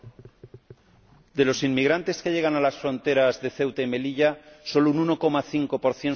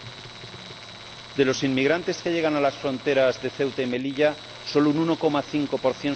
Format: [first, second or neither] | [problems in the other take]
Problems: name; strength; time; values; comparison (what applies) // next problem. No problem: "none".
first | background sound (Tools); 17 dB below the speech